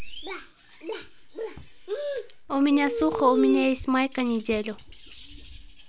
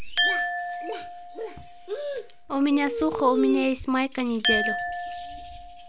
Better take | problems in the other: first | background sound (Glass); 4 dB below the speech

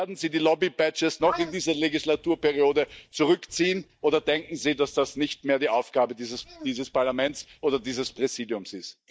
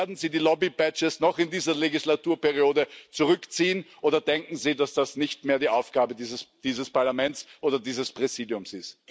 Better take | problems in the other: second | noise reduction (neural mask model DeepFilterNet 3)

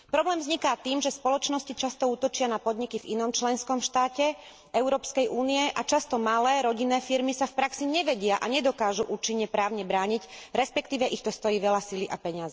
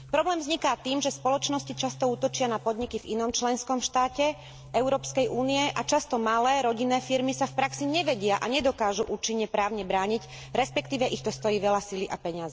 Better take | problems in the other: first | background sound (Boom); 19 dB below the speech

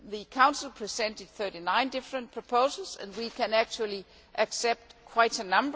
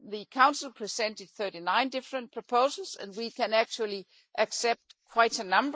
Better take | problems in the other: first | noise reduction (neural mask model Resemble Enhance denoiser)

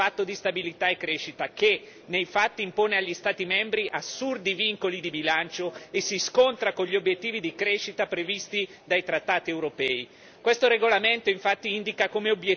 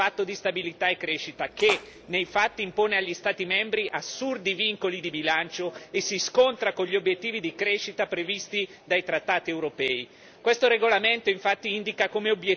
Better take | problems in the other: first | background sound (Splash, splatter); 15 dB below the speech

